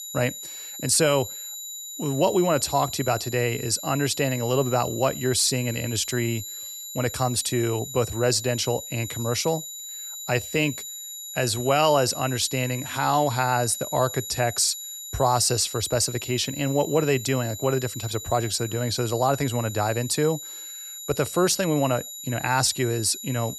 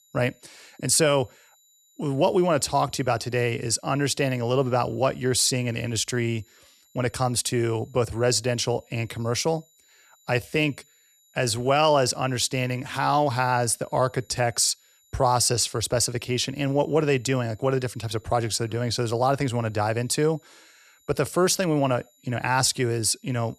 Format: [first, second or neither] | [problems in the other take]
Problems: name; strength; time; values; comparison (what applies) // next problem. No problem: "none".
second | high-pitched whine; loud; throughout; 7 kHz, 10 dB below the speech; faint in the second